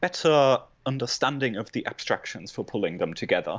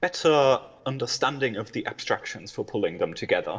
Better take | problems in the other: first | noise reduction (neural separator model SepFormer DNS4)

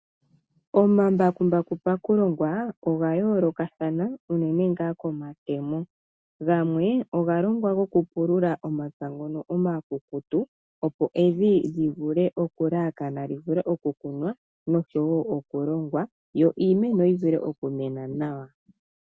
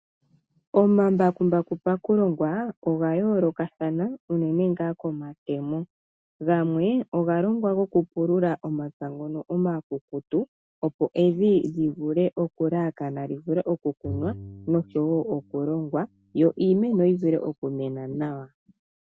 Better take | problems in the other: first | background sound (Bowed string instrument); 16 dB below the speech

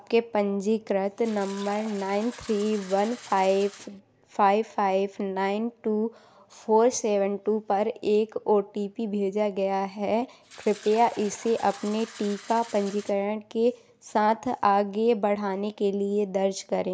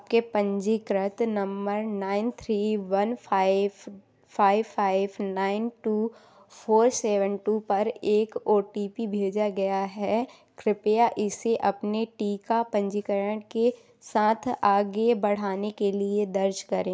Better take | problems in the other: second | background sound (Fill (with liquid)); 20 dB below the speech

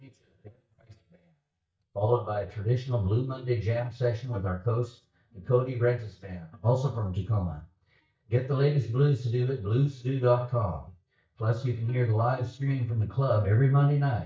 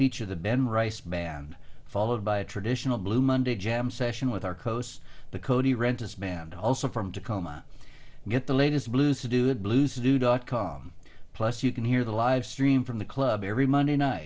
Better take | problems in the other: second | noise reduction (neural mask model DeepFilterNet 3)

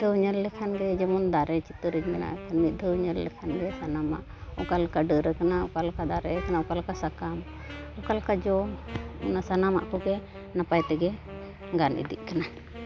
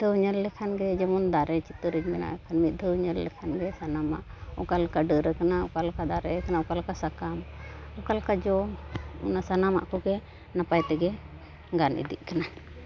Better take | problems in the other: second | background sound (Wind instrument, woodwind instrument); 16 dB below the speech

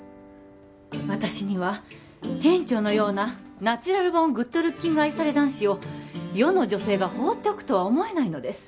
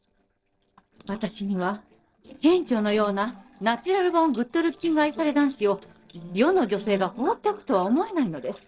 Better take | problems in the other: first | noise reduction (neural separator model SepFormer DNS4)

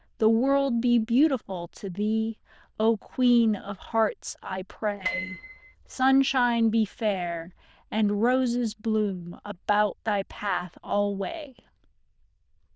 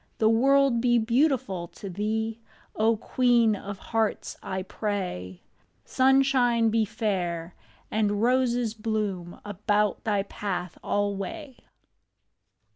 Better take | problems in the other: second | noise reduction (neural diffusion model UNIVERSE++)

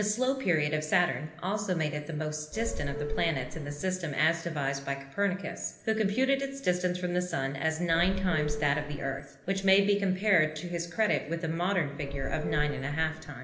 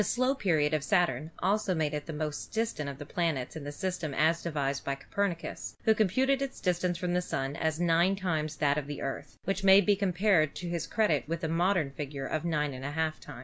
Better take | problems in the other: second | background sound (Subway, metro, underground / Doorbell); 5 dB below the speech // room echo; dies away in 0.8 s

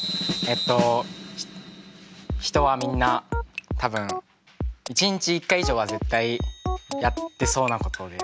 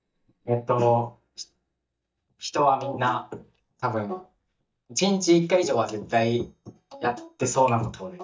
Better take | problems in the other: first | noise reduction (neural mask model DeepFilterNet 3)

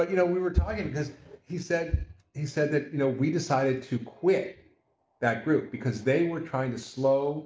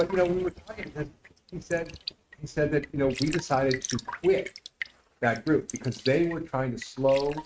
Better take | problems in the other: first | noise reduction (neural mask model RNNoise)

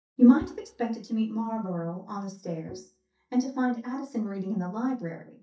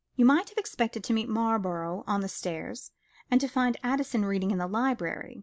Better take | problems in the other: second | noise reduction (neural mask model DeepFilterNet 3)

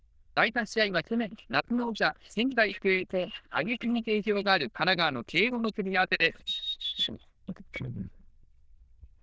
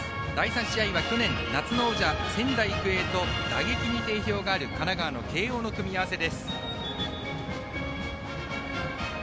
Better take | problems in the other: second | noise reduction (neural diffusion model UNIVERSE++)

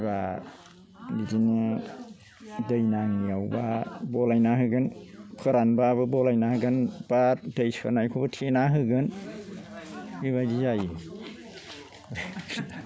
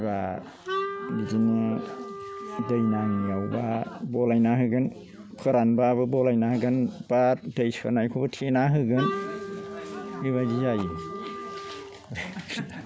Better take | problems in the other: first | background sound (Wind instrument, woodwind instrument); 10 dB below the speech

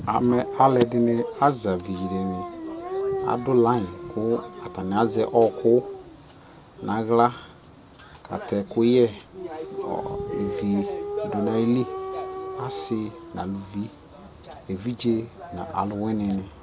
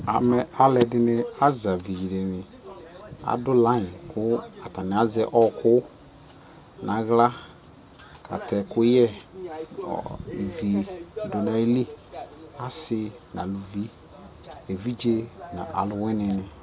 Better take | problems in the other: second | background sound (Dog); 11 dB below the speech

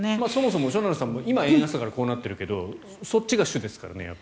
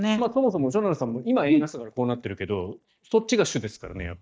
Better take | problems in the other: first | noise reduction (neural mask model DeepFilterNet 3)

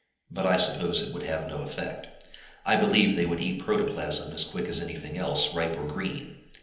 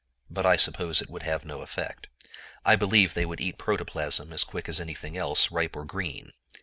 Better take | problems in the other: second | room echo; dies away in 0.9 s

